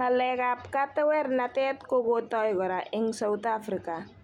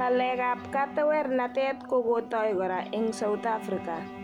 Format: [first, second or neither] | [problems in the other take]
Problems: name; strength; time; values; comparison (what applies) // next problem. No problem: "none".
first | background sound (Bowed string instrument + Wind instrument, woodwind instrument); 13 dB below the speech